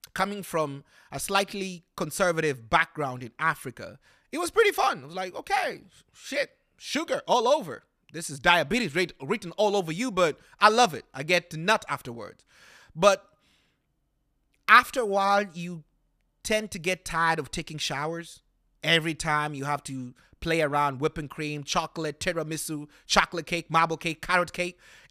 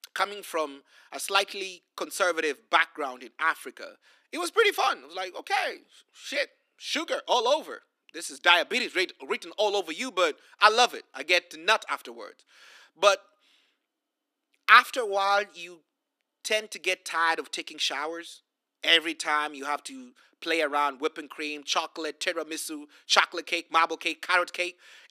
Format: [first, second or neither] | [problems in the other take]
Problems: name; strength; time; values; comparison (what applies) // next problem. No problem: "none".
first | thin; somewhat; fading below 300 Hz